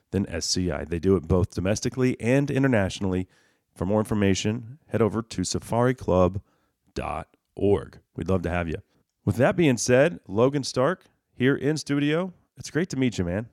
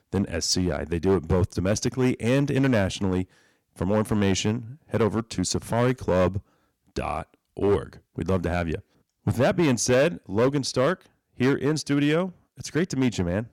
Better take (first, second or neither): first